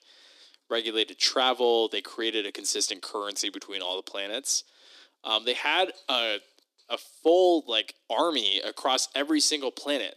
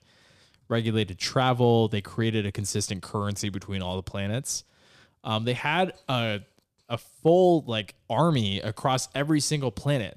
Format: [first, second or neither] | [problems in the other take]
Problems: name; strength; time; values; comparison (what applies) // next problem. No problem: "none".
second | thin; somewhat; fading below 300 Hz